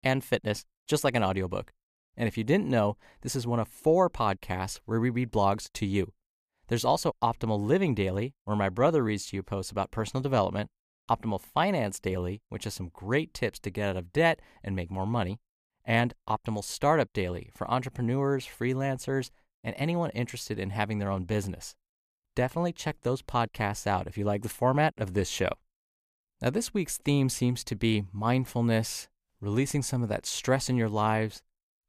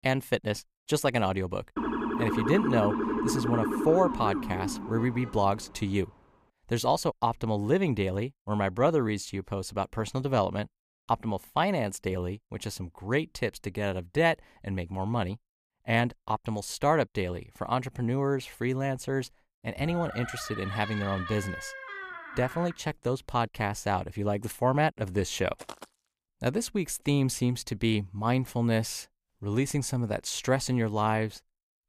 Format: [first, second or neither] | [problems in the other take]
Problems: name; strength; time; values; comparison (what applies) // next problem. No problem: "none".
first | siren; loud; from 2 to 5.5 s; peak level with the speech // door banging; noticeable; from 20 to 23 s; peak 8 dB below the speech // footsteps; faint; at 26 s; peak 15 dB below the speech